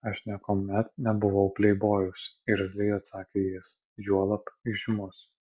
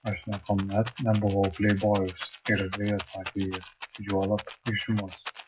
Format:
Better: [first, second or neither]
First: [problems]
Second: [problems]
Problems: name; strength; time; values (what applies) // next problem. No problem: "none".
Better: first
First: none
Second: noise reduction (classical method WPE with log-MMSE)